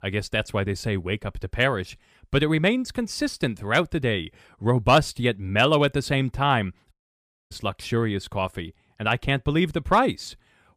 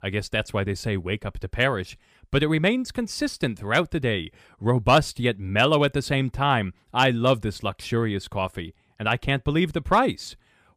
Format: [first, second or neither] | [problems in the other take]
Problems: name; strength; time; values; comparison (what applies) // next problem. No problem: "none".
second | audio cutting out; at 7 s for 0.5 s